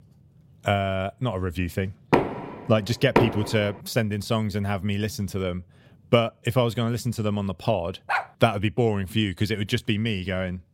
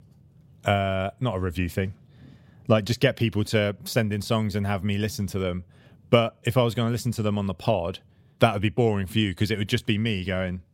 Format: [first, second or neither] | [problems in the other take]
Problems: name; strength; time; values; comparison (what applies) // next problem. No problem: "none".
second | door banging; loud; from 2 to 3.5 s; peak 2 dB above the speech // dog barking; noticeable; at 8 s; peak 2 dB below the speech